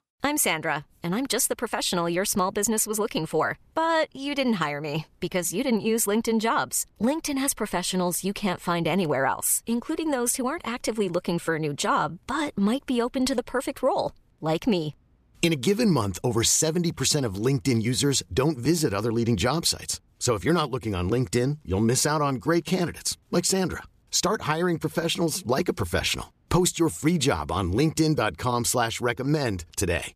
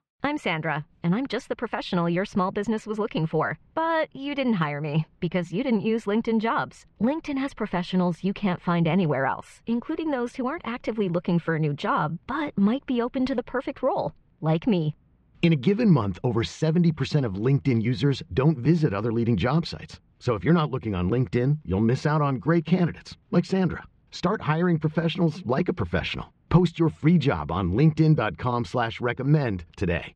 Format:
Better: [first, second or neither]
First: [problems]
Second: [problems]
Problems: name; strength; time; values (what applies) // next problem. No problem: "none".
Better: first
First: none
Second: muffled; very; fading above 3 kHz